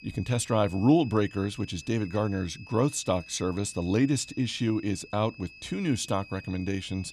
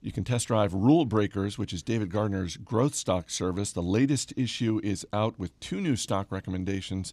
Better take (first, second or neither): second